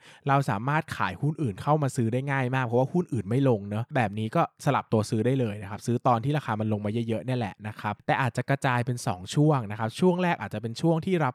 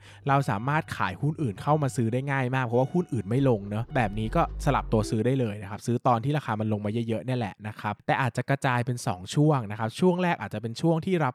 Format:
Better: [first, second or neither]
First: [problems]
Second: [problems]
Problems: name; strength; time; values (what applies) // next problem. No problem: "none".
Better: first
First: none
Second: traffic noise; noticeable; until 5 s; 15 dB below the speech